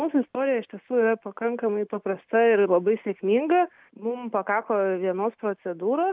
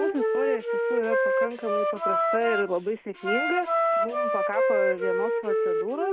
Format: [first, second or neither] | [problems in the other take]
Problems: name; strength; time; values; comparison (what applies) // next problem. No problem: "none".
first | background sound (Wind instrument, woodwind instrument); 5 dB above the speech